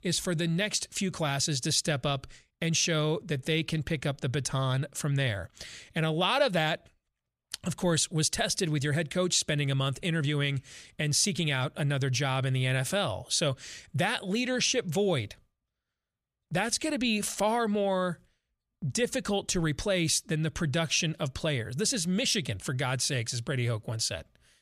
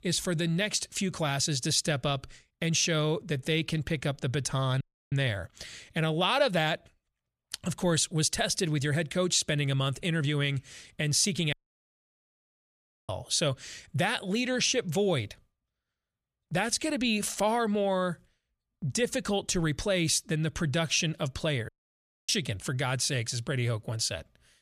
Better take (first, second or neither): first